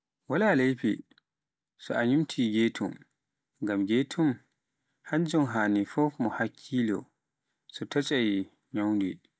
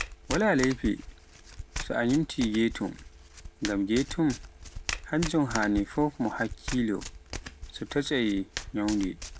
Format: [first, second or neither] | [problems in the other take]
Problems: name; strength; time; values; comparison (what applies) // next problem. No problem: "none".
first | background sound (Domestic sounds, home sounds); 10 dB below the speech